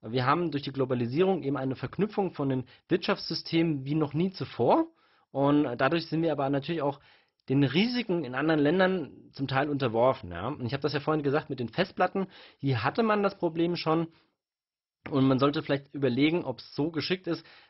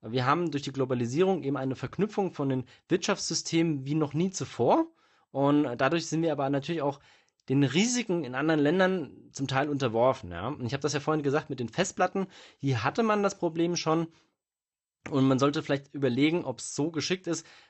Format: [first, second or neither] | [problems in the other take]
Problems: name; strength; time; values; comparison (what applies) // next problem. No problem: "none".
second | garbled, watery; badly; nothing above 5.5 kHz; slightly in the second